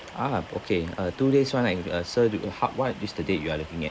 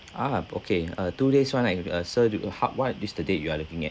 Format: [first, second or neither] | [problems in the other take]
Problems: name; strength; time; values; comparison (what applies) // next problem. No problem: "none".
second | background sound (Stream); 19 dB below the speech